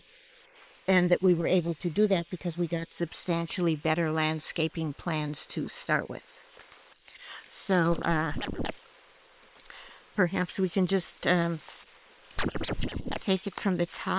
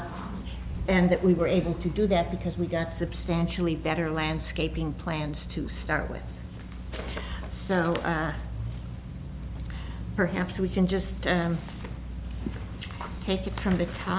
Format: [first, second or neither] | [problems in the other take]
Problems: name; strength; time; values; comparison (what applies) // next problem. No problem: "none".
second | noise reduction (neural separator model SepFormer WHAM!)